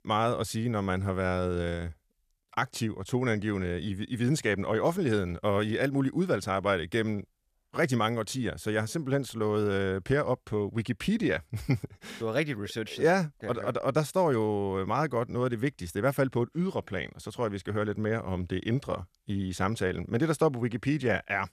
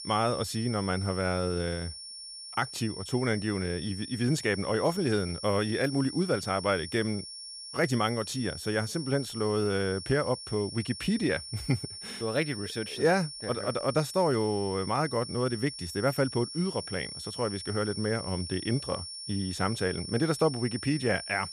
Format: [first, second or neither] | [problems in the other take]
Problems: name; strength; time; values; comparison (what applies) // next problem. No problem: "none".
first | high-pitched whine; loud; throughout; 5.5 kHz, 9 dB below the speech